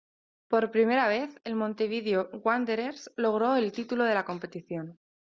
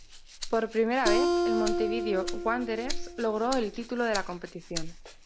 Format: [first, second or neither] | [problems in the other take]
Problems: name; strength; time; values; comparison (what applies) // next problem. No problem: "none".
first | background sound (Acoustic guitar + Rattle (instrument)); 1 dB below the speech